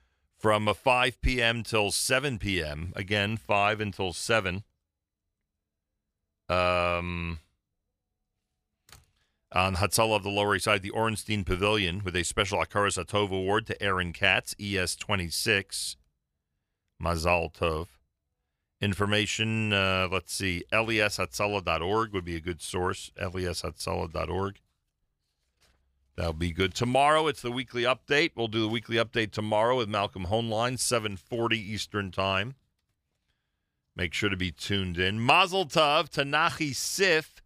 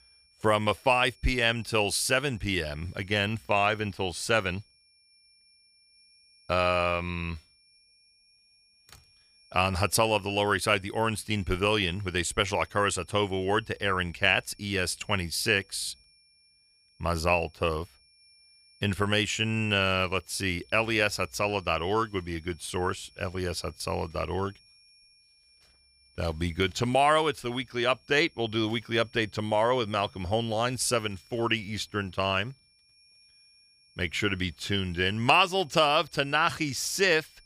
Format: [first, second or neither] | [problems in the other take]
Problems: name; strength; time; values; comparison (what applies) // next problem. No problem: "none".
first | high-pitched whine; faint; throughout; 5.5 kHz, 30 dB below the speech